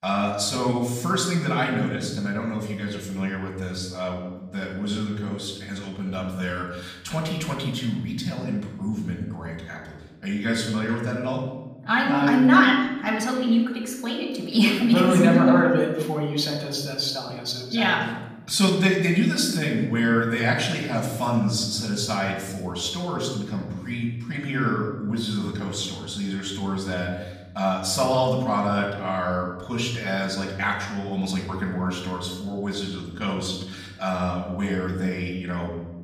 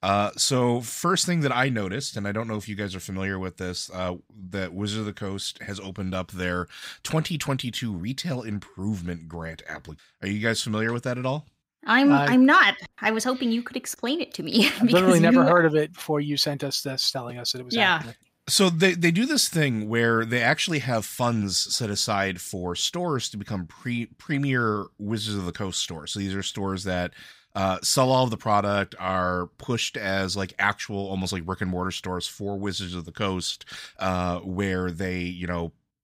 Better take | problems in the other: second | off-mic speech; far // room echo; noticeable; dies away in 1.1 s

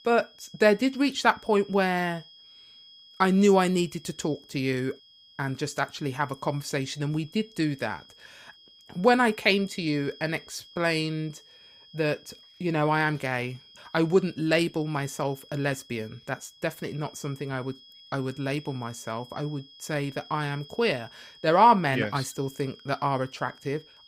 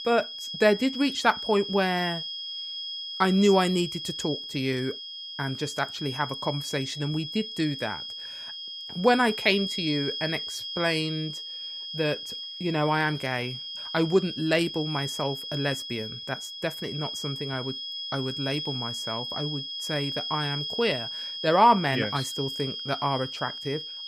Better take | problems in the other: first | high-pitched whine; loud; throughout; 3.5 kHz, 6 dB below the speech; faint in the first

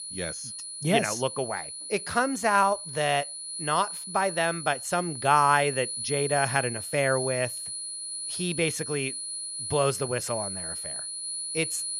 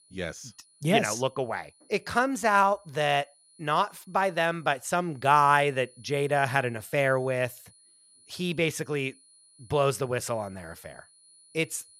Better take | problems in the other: second | high-pitched whine; loud; throughout; 10 kHz, 6 dB below the speech; faint in the second

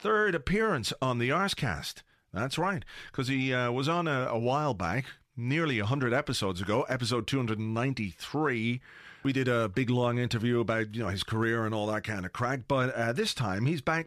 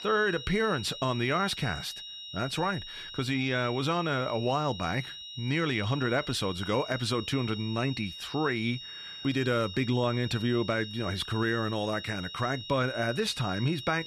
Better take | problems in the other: first | high-pitched whine; loud; throughout; 4 kHz, 10 dB below the speech

